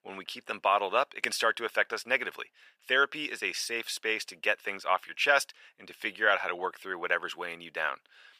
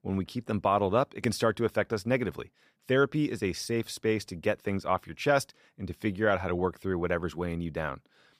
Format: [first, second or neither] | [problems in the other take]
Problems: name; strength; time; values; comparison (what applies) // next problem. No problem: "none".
second | thin; very; fading below 700 Hz